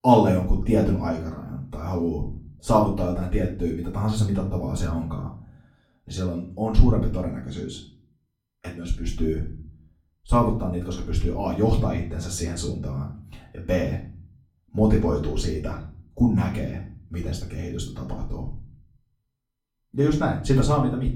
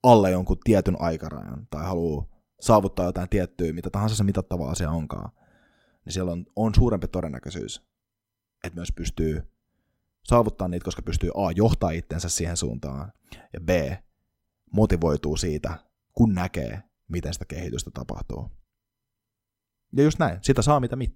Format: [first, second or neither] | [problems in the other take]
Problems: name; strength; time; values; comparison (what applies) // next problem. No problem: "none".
second | room echo; slight; dies away in 0.5 s // off-mic speech; far